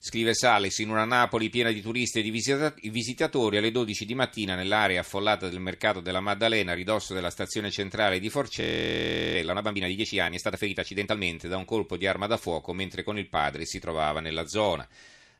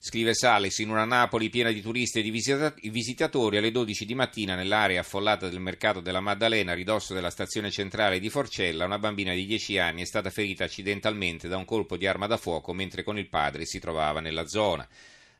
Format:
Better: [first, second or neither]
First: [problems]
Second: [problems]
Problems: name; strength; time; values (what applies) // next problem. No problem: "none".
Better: second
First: audio freezing; at 8.5 s for 0.5 s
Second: none